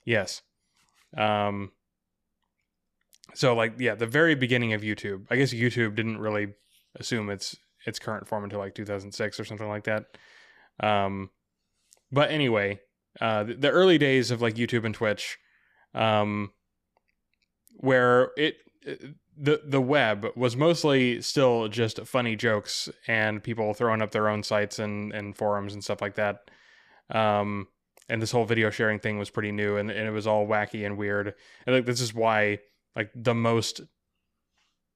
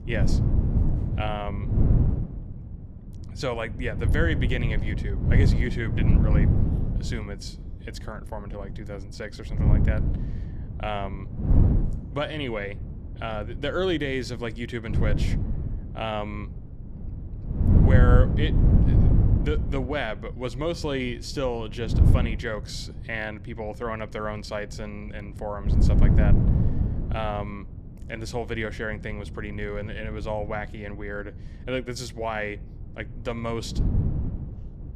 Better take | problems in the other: first | wind noise on the microphone; heavy; 4 dB below the speech

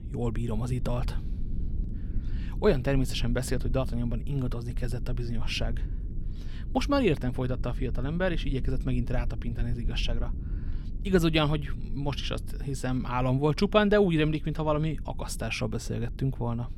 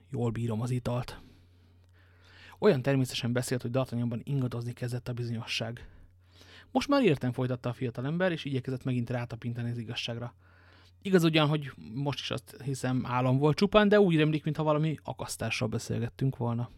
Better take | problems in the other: second | low rumble; faint; throughout; 20 dB below the speech

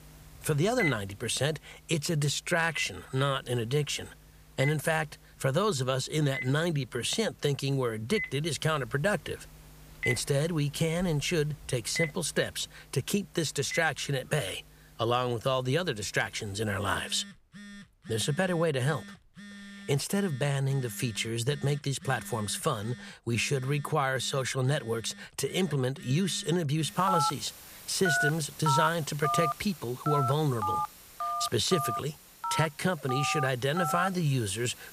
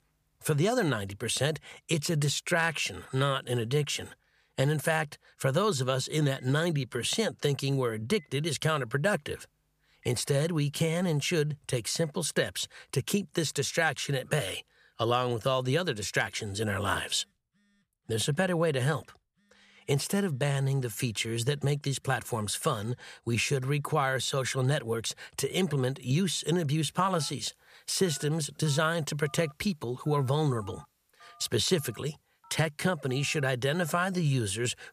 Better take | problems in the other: second | alarms or sirens; loud; throughout; 5 dB below the speech; faint in the second

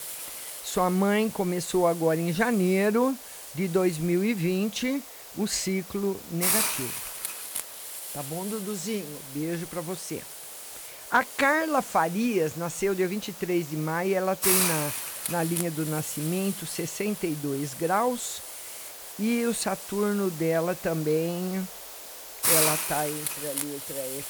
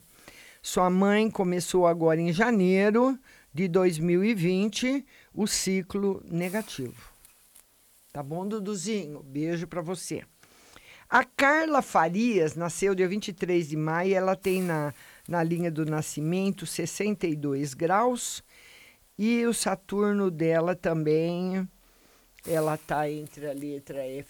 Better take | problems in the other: second | hiss; loud; throughout; 4 dB below the speech; faint in the second

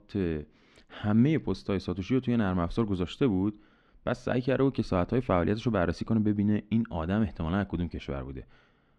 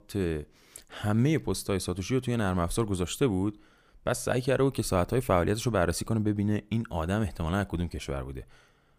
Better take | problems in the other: second | muffled; slightly; fading above 4 kHz

